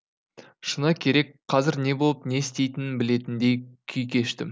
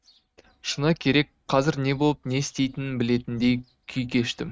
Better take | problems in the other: first | noise reduction (neural mask model RNNoise)

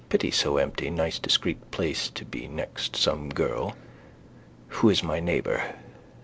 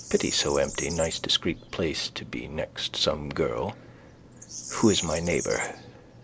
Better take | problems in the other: first | background sound (Bird vocalization, bird call, bird song); 12 dB below the speech

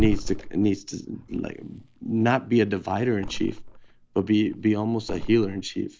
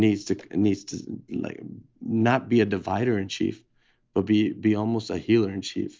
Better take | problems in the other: second | background sound (Thump, thud); 9 dB below the speech

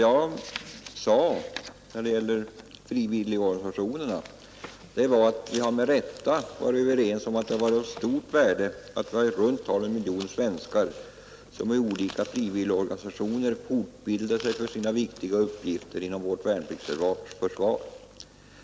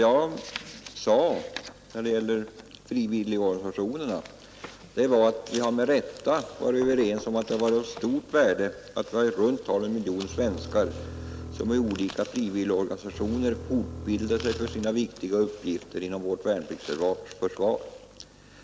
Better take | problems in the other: first | background sound (Knock + Bowed string instrument); 13 dB below the speech

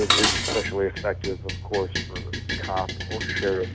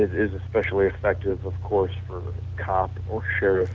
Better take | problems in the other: second | background sound (Dishes, pots, and pans); 1 dB below the speech

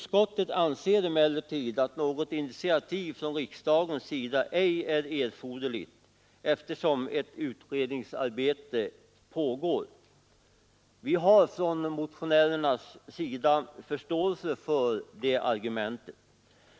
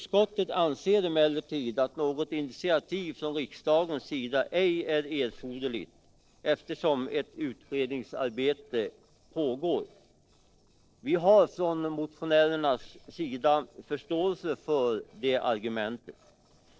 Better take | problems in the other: first | noise reduction (neural separator model SepFormer DNS4)

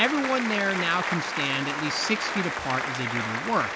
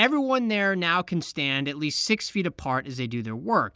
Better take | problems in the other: second | background sound (Applause); 2 dB below the speech

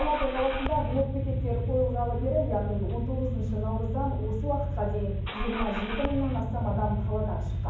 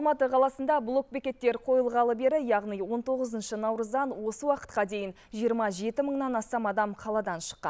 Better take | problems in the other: second | background sound (Engine starting / Car); 1 dB above the speech // room echo; dies away in 1.2 s

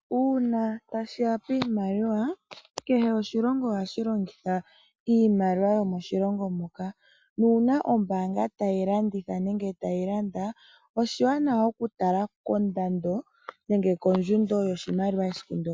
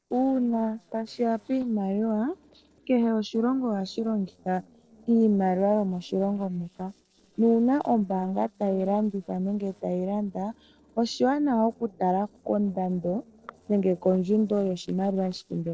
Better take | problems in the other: first | noise reduction (neural separator model SepFormer DNS4)

